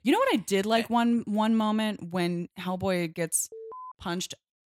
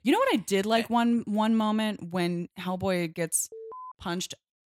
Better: neither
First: alarm; faint; at 3.5 s; peak 15 dB below the speech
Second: alarm; faint; at 3.5 s; peak 15 dB below the speech

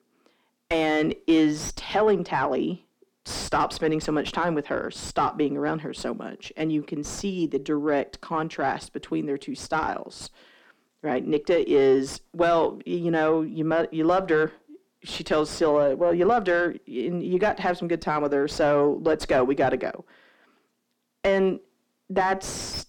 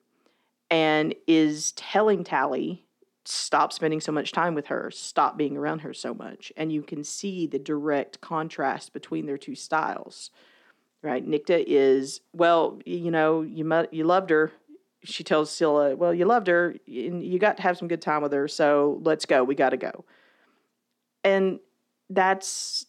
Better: second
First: distortion; slight; 8 dB below the speech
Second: none

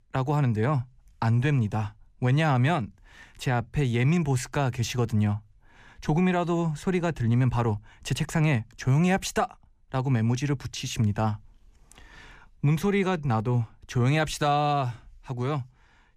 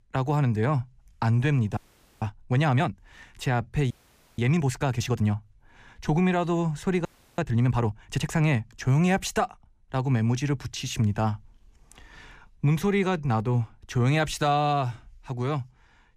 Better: first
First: none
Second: audio freezing; at 2 s, at 4 s and at 7 s

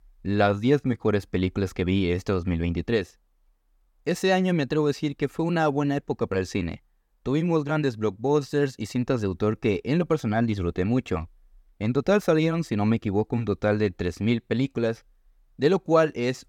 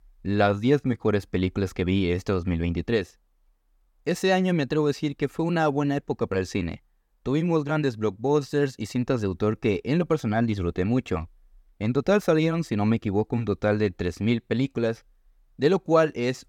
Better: neither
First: none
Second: none

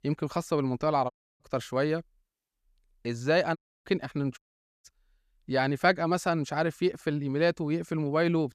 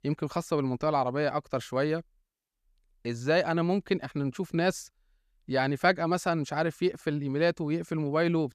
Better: second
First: audio cutting out; at 1 s, at 3.5 s and at 4.5 s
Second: none

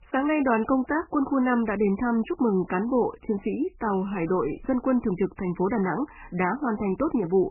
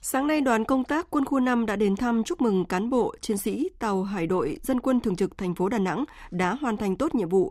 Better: second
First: garbled, watery; badly; nothing above 3 kHz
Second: none

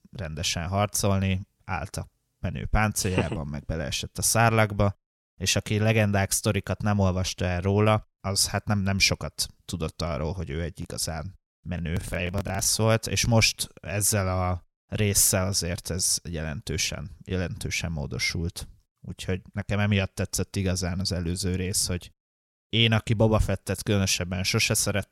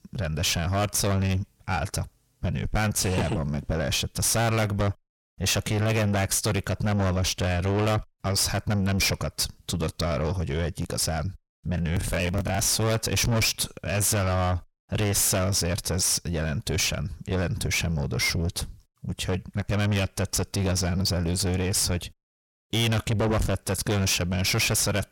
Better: first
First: none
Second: distortion; heavy; 5 dB below the speech

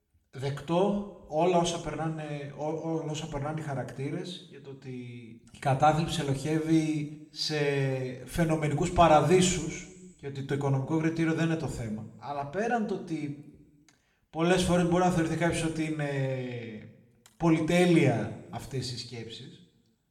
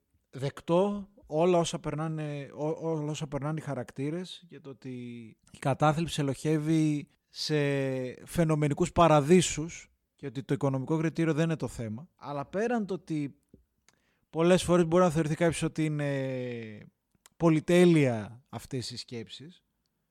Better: second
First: room echo; slight; dies away in 0.7 s // off-mic speech; somewhat distant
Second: none

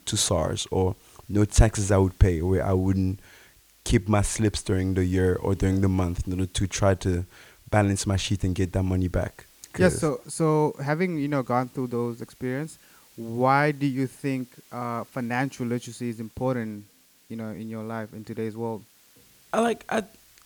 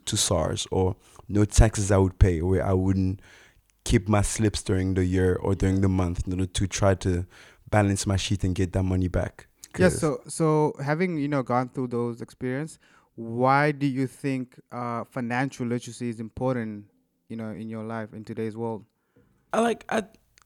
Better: second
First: hiss; faint; throughout; 30 dB below the speech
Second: none

